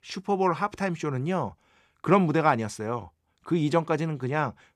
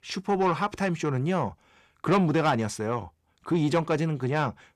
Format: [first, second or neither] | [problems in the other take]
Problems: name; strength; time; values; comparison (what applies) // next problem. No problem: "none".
first | distortion; slight; 10 dB below the speech